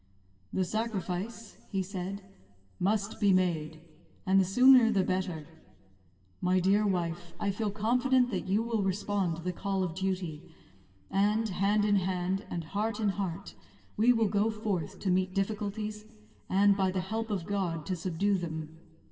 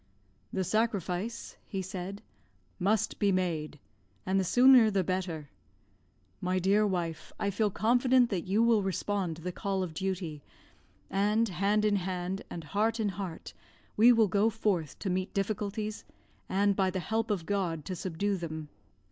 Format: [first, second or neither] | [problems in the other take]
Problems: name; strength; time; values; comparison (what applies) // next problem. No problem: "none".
second | room echo; dies away in 1.4 s